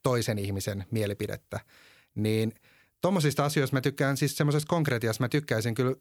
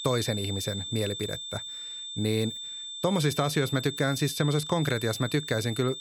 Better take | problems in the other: first | high-pitched whine; loud; throughout; 3.5 kHz, 7 dB below the speech

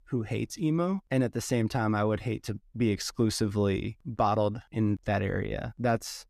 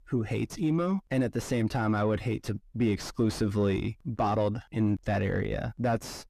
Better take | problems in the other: first | distortion; slight; 9 dB below the speech

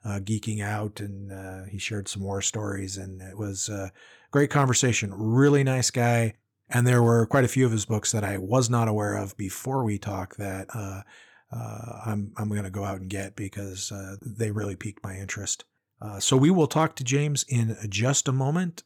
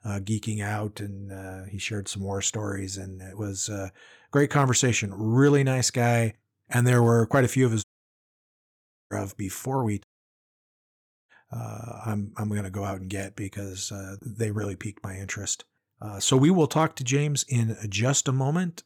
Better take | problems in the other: first | audio cutting out; at 8 s for 1.5 s and at 10 s for 1 s

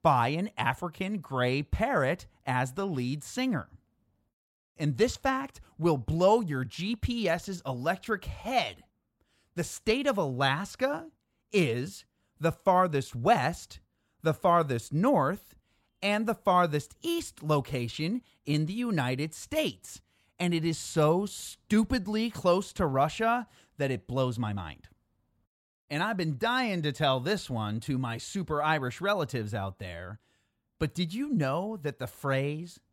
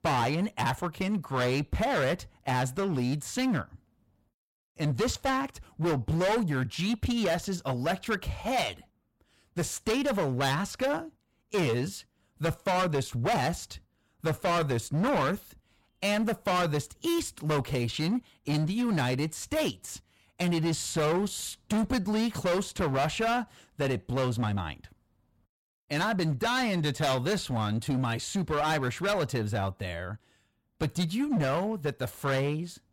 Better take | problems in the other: first | distortion; heavy; 15% of the sound clipped

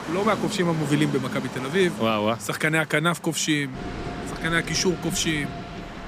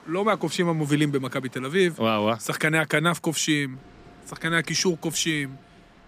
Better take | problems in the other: second | train or aircraft noise; loud; throughout; 10 dB below the speech; faint in the second

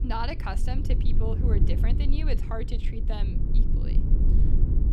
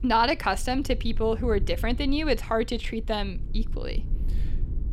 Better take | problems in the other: second | low rumble; loud; throughout; 5 dB below the speech; faint in the second

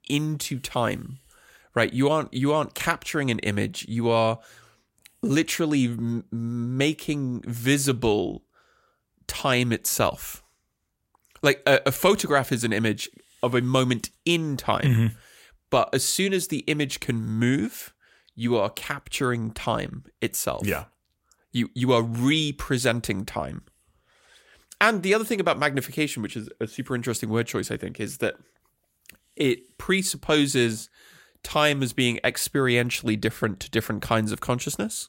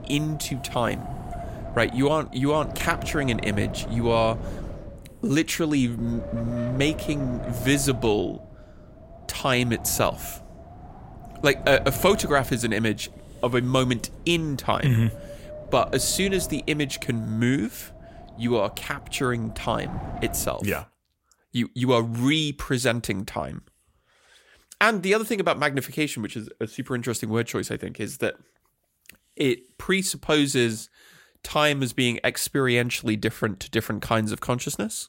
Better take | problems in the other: first | wind noise on the microphone; occasional gusts; until 21 s; 15 dB below the speech

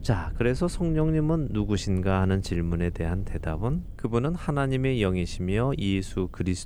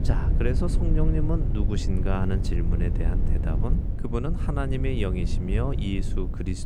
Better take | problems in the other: first | low rumble; loud; throughout; 6 dB below the speech; faint in the first

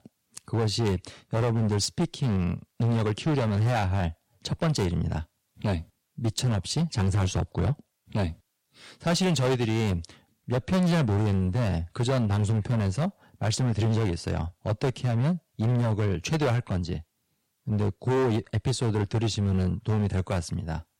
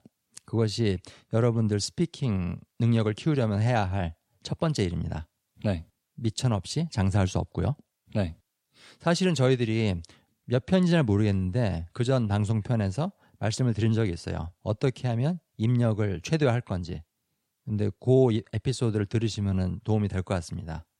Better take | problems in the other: second | distortion; heavy; 15% of the sound clipped

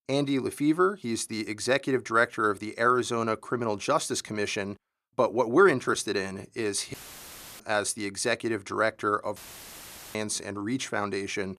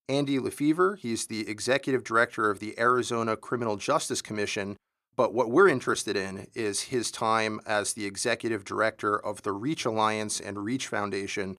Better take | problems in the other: second | audio cutting out; filled with static; at 7 s for 0.5 s and at 9.5 s for 1 s

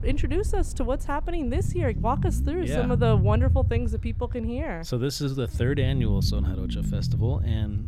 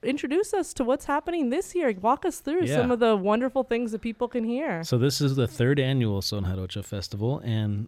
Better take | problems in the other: second | low rumble; loud; throughout; 10 dB below the speech

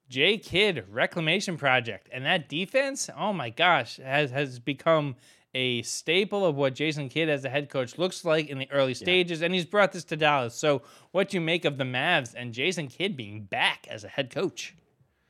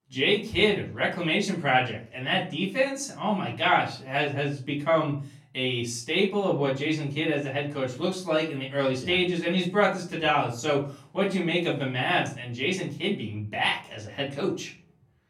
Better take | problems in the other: first | off-mic speech; far // room echo; slight; dies away in 0.4 s

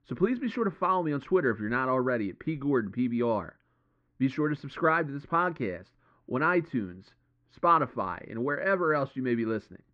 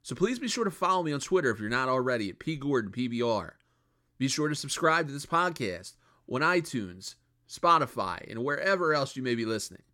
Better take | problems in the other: second | muffled; very; fading above 2 kHz

